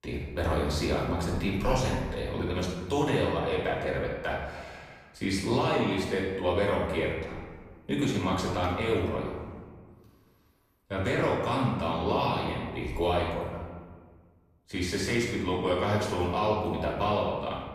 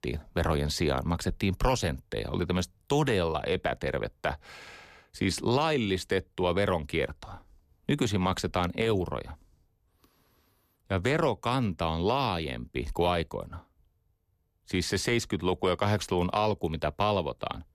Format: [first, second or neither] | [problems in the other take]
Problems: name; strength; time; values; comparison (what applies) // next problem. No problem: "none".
second | off-mic speech; far // room echo; noticeable; dies away in 1.3 s